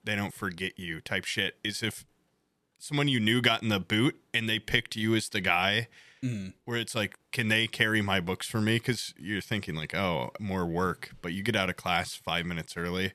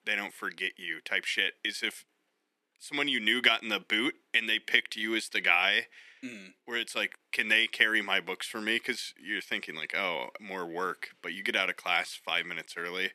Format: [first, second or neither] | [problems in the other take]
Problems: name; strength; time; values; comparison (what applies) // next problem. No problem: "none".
first | thin; somewhat; fading below 250 Hz